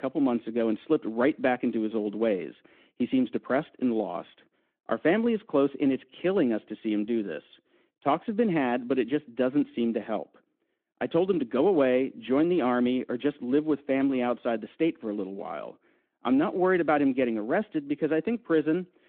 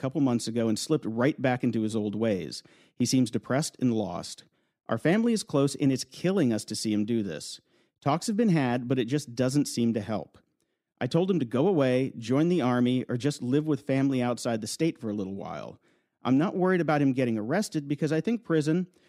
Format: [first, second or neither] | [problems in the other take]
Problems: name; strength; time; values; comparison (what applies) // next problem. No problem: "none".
second | phone-call audio